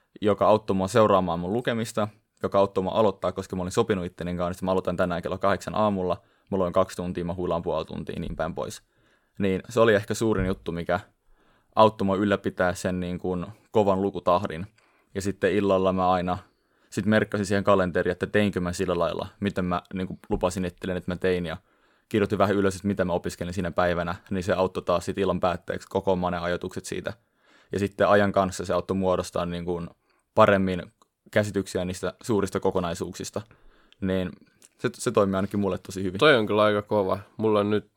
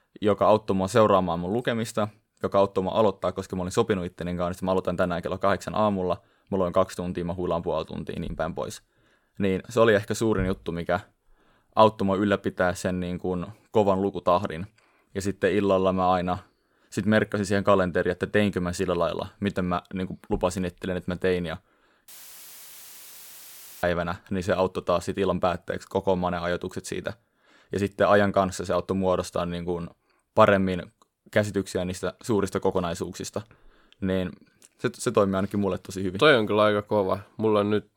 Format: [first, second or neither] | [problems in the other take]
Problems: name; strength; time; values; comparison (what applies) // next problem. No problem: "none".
first | audio cutting out; filled with static; at 22 s for 2 s